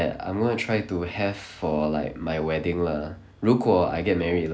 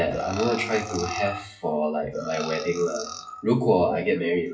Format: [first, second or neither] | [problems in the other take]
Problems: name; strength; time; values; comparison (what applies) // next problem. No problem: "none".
first | noise reduction (classical method WPE with log-MMSE)